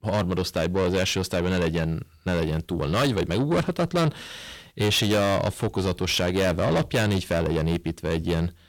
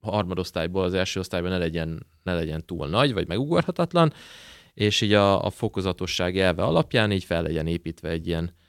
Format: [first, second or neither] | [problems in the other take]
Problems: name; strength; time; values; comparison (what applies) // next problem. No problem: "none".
second | distortion; heavy; 6 dB below the speech